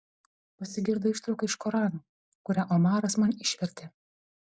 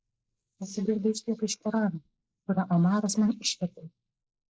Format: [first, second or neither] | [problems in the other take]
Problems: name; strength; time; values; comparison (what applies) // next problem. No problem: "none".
first | noise reduction (neural mask model Resemble Enhance denoiser)